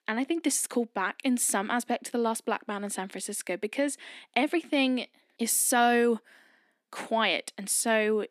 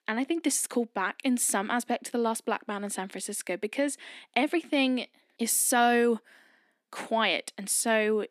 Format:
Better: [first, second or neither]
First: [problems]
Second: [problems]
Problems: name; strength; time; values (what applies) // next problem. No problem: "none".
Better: neither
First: thin; very slightly; fading below 300 Hz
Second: thin; very slightly; fading below 300 Hz